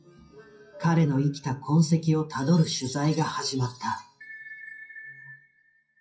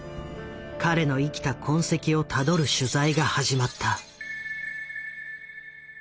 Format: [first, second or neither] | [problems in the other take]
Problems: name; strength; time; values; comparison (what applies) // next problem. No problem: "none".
second | noise reduction (classical method WPE with log-MMSE)